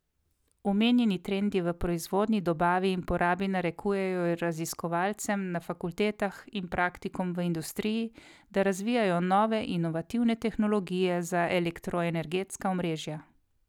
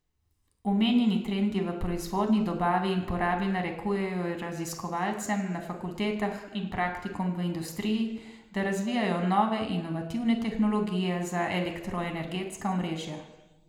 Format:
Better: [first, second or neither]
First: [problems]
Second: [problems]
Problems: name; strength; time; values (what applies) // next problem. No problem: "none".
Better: first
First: none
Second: room echo; dies away in 1 s